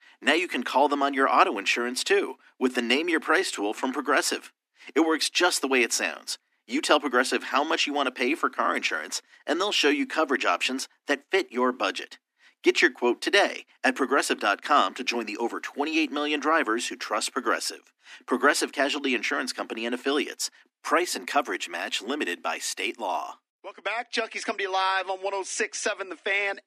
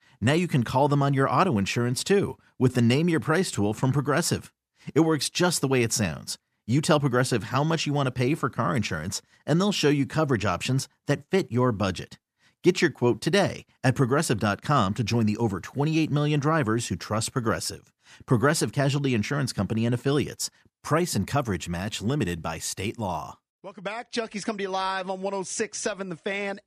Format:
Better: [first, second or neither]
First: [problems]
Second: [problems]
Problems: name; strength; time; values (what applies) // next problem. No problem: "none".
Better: second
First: thin; somewhat; fading below 250 Hz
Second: none